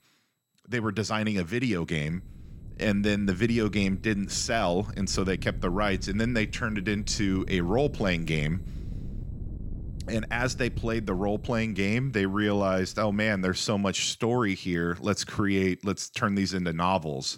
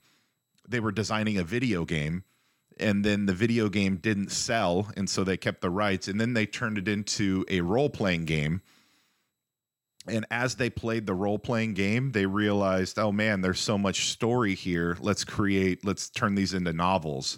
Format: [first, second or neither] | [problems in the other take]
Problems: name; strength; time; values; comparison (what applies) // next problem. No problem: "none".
second | wind noise on the microphone; occasional gusts; from 2 to 13 s; 25 dB below the speech